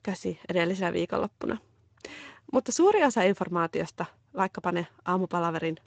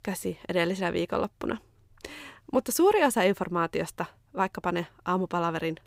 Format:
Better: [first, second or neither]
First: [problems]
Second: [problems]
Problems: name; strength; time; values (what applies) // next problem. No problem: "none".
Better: second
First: garbled, watery; slightly; nothing above 7.5 kHz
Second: none